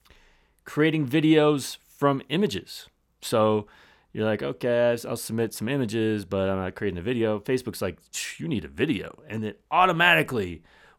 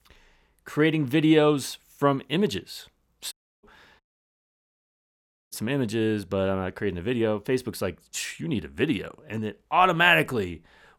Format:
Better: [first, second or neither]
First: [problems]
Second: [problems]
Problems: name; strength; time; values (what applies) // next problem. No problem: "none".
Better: first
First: none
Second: audio cutting out; at 3.5 s and at 4 s for 1.5 s